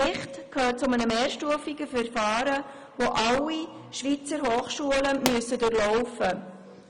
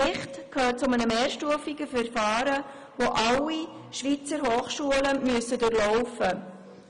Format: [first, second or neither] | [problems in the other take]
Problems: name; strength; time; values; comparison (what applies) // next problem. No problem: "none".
second | background sound (Explosion); 9 dB below the speech